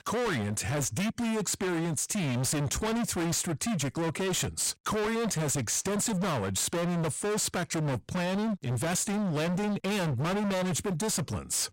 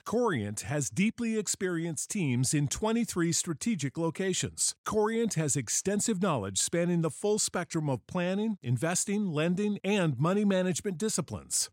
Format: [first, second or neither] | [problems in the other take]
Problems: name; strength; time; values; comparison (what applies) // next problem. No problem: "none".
second | distortion; heavy; 48% of the sound clipped